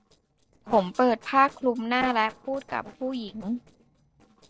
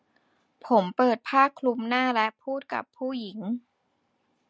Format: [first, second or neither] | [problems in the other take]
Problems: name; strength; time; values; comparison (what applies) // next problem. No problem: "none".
second | noise reduction (neural separator model SepFormer DNS4)